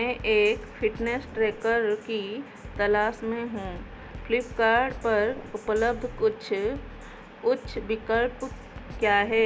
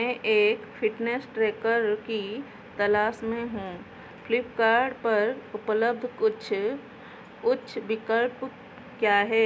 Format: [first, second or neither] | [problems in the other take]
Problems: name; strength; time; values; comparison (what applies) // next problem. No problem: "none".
second | background sound (Drum kit); 16 dB below the speech